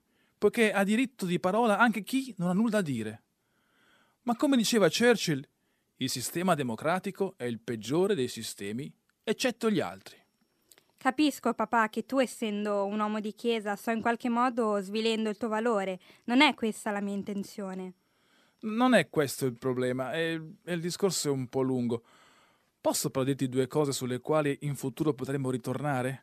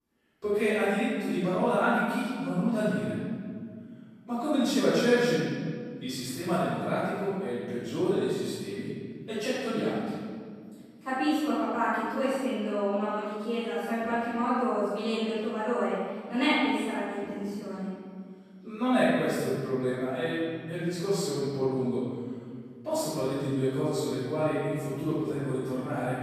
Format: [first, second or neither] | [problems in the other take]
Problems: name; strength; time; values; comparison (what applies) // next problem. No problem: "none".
first | off-mic speech; far // room echo; strong; dies away in 1.9 s